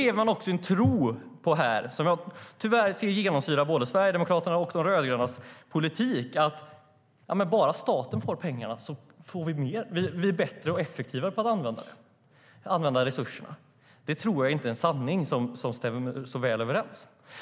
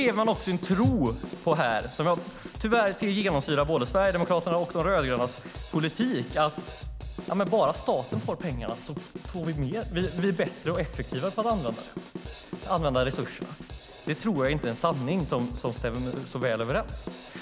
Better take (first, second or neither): first